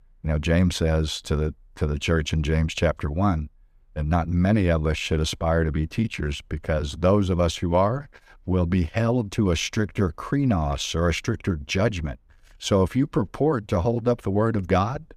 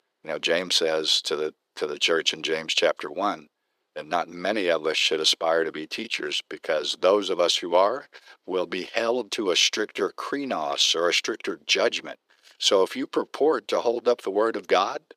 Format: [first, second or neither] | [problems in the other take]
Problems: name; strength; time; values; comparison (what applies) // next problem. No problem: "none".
first | thin; very; fading below 350 Hz